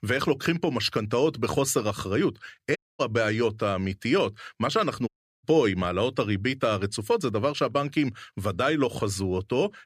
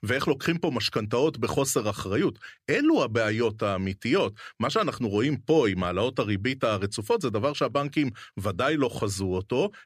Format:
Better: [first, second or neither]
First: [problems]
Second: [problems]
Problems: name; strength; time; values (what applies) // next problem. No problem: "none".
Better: second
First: audio cutting out; at 3 s and at 5 s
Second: none